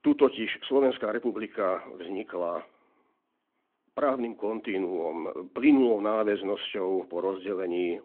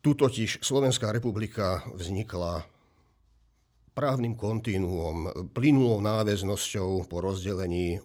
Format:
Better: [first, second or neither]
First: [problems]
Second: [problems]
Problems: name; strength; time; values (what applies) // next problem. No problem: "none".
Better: second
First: phone-call audio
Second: none